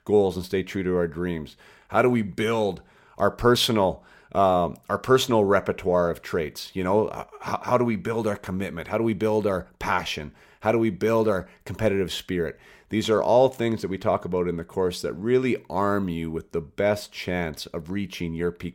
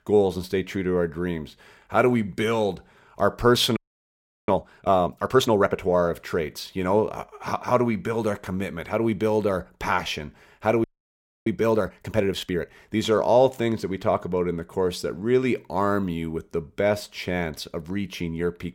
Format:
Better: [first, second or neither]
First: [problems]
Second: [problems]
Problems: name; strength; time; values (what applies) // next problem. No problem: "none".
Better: first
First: none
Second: audio freezing; at 4 s for 0.5 s and at 11 s for 0.5 s